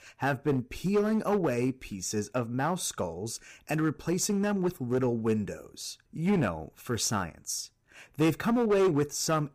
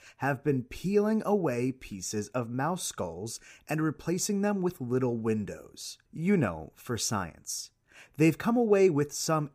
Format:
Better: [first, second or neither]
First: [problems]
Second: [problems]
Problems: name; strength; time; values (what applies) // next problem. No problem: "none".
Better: second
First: distortion; slight; 6% of the sound clipped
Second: none